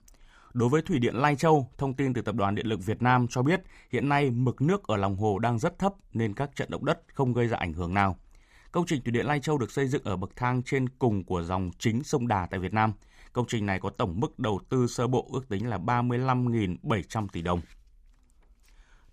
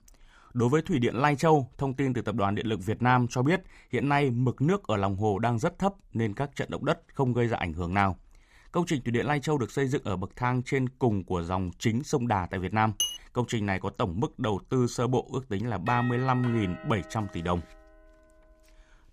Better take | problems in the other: first | clattering dishes; noticeable; at 13 s; peak 1 dB below the speech // doorbell; noticeable; from 16 to 18 s; peak 8 dB below the speech

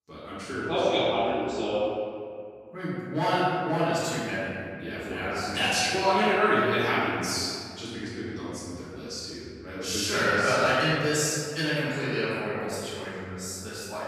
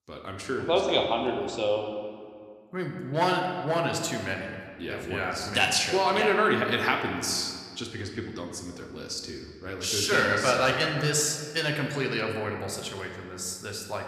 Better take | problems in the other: second | room echo; strong; dies away in 2.1 s; slight in the second // off-mic speech; far

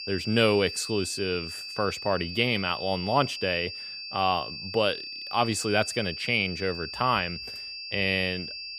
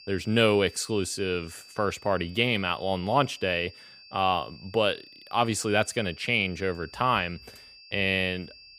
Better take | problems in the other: second | high-pitched whine; loud; throughout; 4.5 kHz, 8 dB below the speech; faint in the second

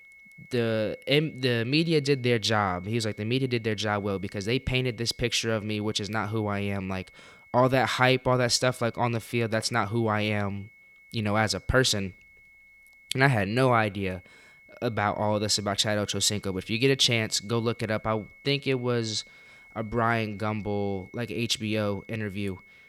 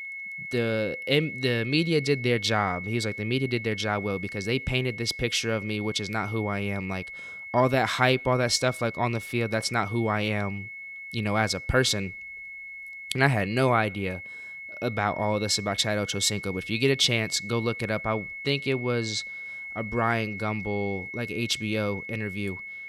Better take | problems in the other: first | high-pitched whine; loud; throughout; 2 kHz, 10 dB below the speech; faint in the first

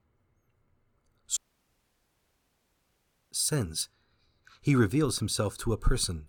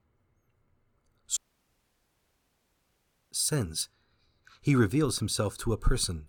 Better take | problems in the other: neither | audio cutting out; at 1.5 s for 2 s; the same in both

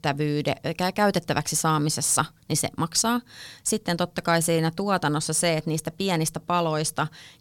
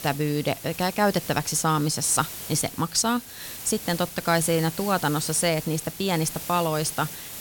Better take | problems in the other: first | hiss; noticeable; throughout; 10 dB below the speech

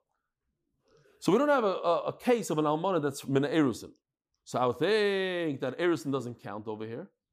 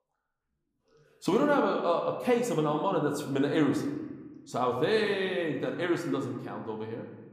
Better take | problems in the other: first | room echo; slight; dies away in 1.1 s

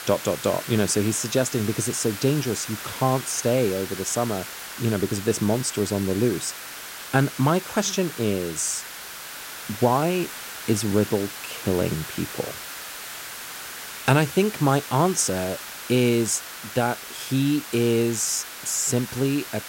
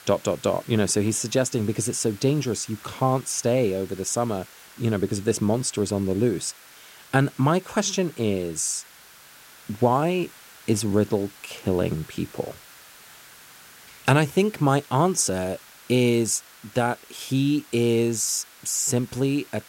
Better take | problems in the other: second | hiss; loud; throughout; 10 dB below the speech; faint in the second

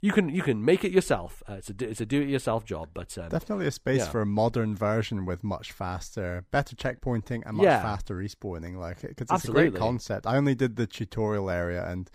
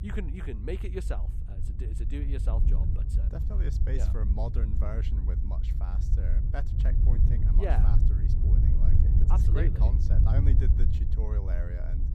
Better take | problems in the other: first | low rumble; loud; throughout; 2 dB below the speech

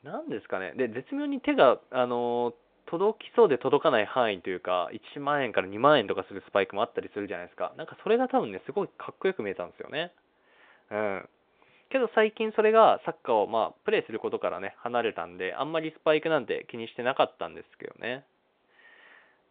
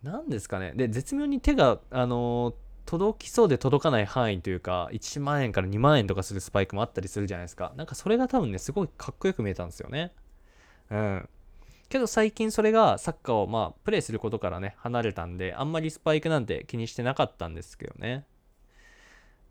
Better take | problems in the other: second | phone-call audio; nothing above 3.5 kHz

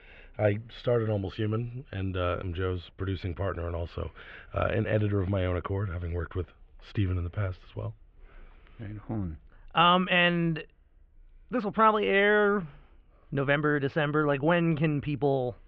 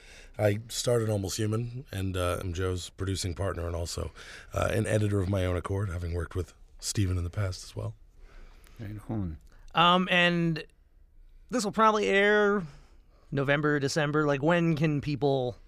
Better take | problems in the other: second | muffled; very; fading above 3 kHz

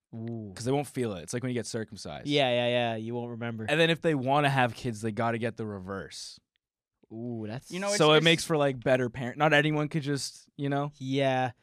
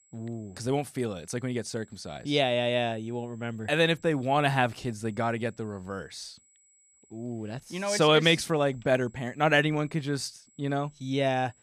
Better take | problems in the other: first | high-pitched whine; faint; throughout; 7.5 kHz, 30 dB below the speech

